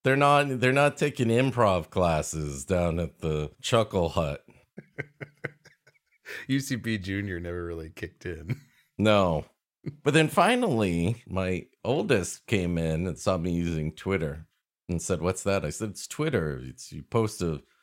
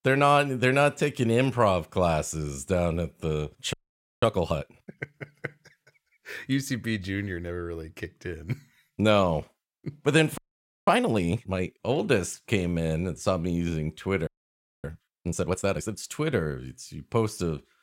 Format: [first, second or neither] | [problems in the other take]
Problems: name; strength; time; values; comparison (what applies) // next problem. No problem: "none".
first | audio freezing; at 3.5 s, at 10 s and at 14 s for 0.5 s